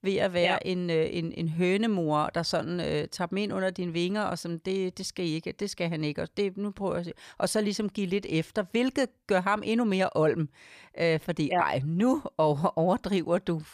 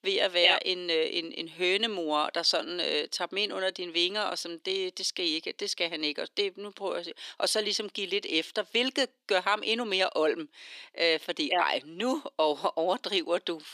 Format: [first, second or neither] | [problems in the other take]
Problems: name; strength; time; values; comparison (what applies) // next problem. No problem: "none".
first | thin; somewhat; fading below 300 Hz